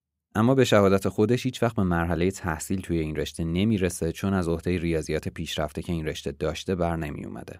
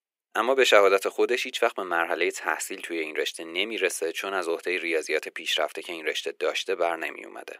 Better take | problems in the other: first | thin; very; fading below 400 Hz

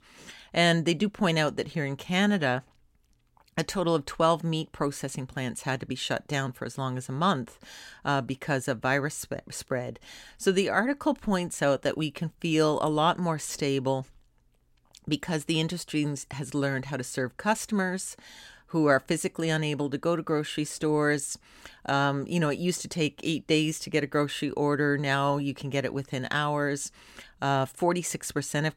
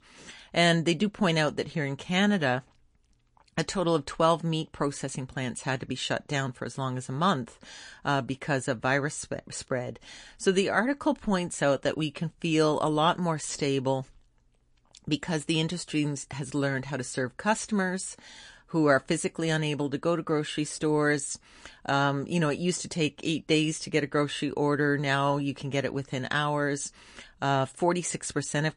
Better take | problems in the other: first | garbled, watery; slightly; nothing above 10 kHz

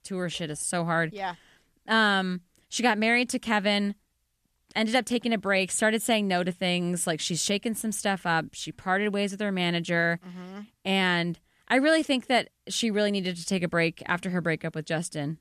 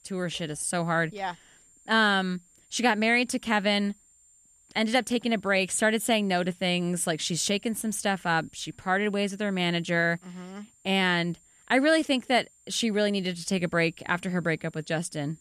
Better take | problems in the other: first | high-pitched whine; faint; throughout; 7.5 kHz, 30 dB below the speech

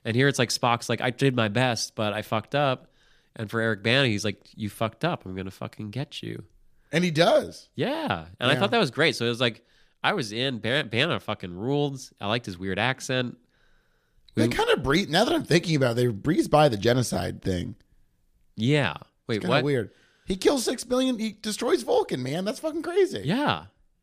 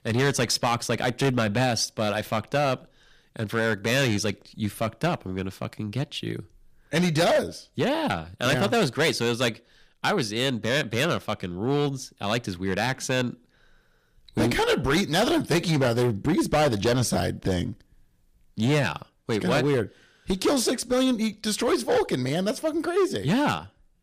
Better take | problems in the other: first | distortion; heavy; 9% of the sound clipped

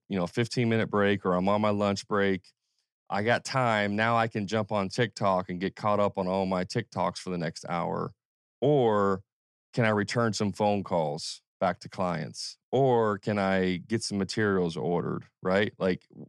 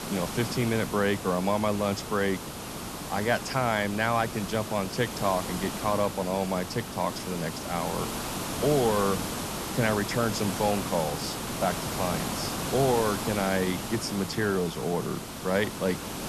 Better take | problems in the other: first | hiss; loud; throughout; 5 dB below the speech

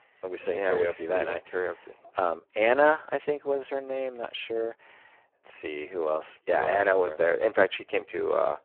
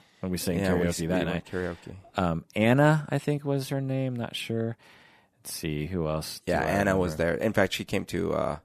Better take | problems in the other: second | phone-call audio; poor line

